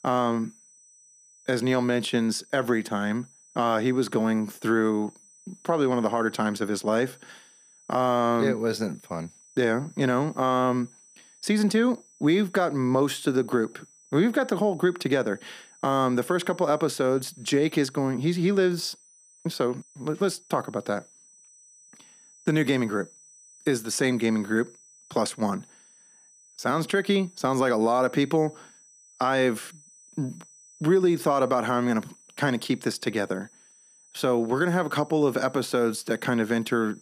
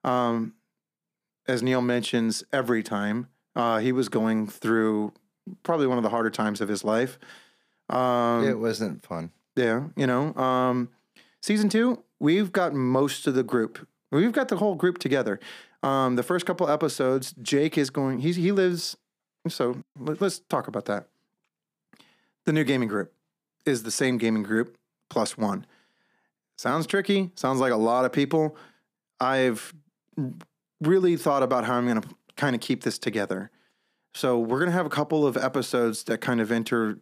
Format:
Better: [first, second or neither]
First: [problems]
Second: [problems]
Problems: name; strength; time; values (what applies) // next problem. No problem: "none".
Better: second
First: high-pitched whine; faint; throughout; 6 kHz, 25 dB below the speech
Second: none